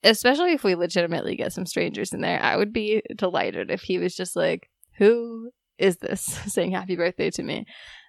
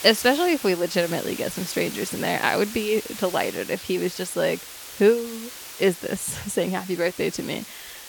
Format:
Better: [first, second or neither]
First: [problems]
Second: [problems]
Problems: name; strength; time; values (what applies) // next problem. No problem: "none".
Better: first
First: none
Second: hiss; noticeable; throughout; 10 dB below the speech